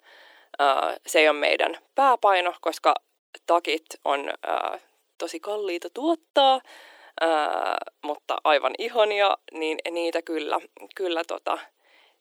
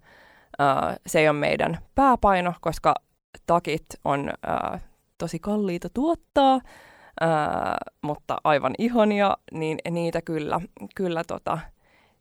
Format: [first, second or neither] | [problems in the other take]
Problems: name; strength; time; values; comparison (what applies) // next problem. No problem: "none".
second | thin; very; fading below 300 Hz